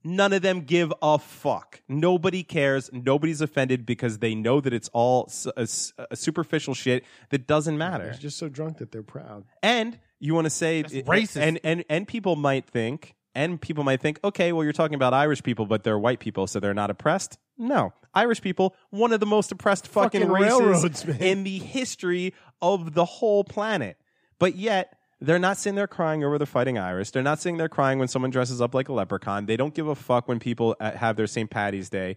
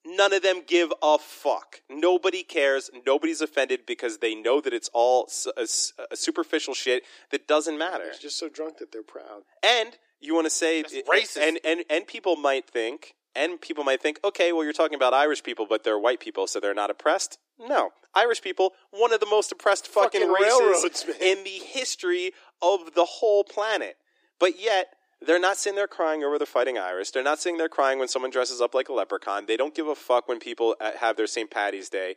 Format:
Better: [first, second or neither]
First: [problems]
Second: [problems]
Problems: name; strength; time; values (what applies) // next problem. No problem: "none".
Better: first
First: none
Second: thin; very; fading below 300 Hz